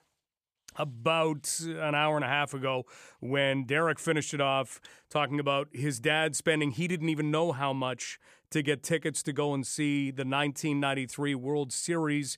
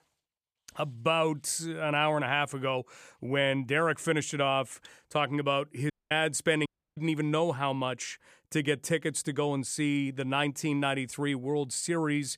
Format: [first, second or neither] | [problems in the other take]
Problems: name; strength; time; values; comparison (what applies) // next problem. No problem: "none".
first | audio cutting out; at 6 s and at 6.5 s